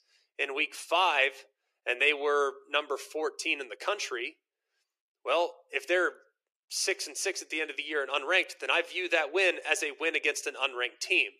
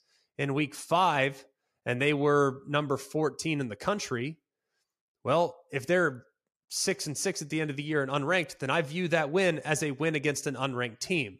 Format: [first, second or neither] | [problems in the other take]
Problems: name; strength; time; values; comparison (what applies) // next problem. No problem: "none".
second | thin; very; fading below 350 Hz